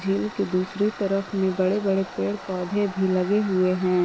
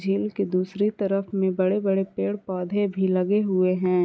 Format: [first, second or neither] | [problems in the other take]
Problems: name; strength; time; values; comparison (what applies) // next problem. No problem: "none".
second | background sound (Tools); 16 dB below the speech